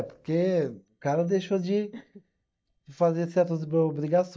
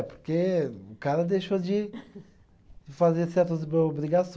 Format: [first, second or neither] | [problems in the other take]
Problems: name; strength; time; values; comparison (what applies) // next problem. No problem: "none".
second | noise reduction (neural mask model DeepFilterNet 3)